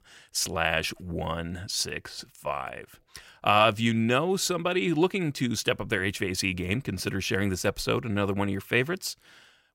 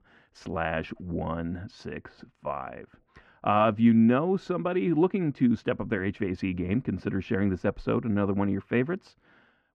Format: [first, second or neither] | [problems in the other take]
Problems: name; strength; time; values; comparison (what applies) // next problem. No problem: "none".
first | muffled; very; fading above 1.5 kHz